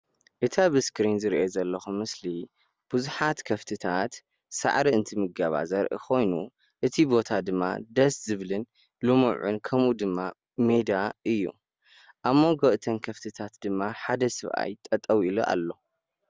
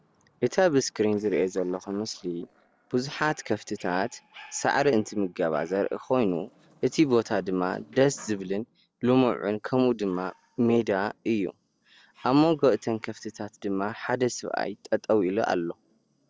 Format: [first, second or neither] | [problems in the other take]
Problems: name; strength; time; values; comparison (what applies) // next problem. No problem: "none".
first | noise reduction (neural separator model SepFormer DNS4)